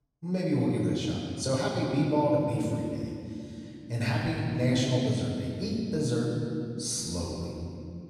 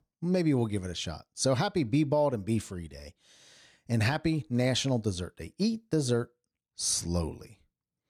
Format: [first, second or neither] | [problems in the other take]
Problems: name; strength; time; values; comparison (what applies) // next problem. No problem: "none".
second | off-mic speech; far // room echo; strong; dies away in 2.3 s